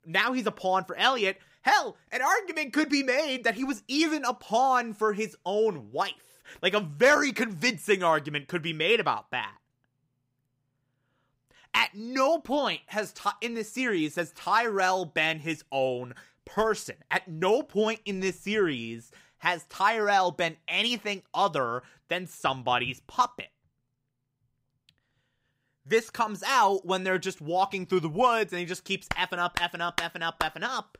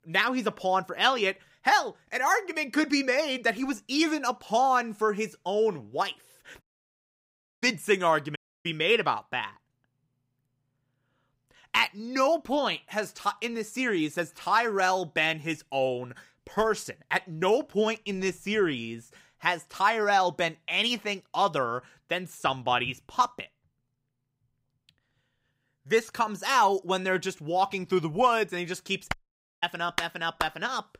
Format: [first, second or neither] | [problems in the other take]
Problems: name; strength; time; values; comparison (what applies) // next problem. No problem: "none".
first | audio cutting out; at 6.5 s for 1 s, at 8.5 s and at 29 s